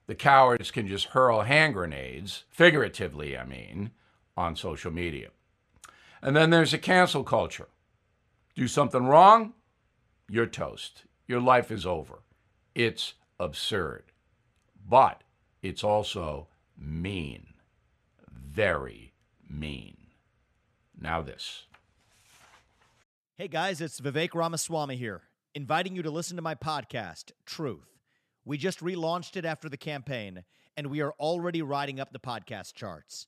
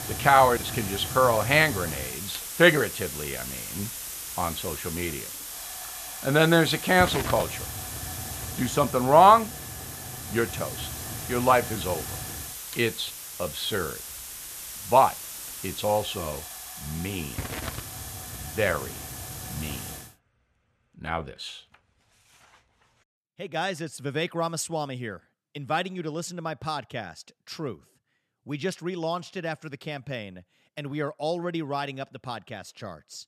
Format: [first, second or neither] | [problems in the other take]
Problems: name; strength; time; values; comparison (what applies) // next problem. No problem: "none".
first | hiss; loud; until 20 s; 8 dB below the speech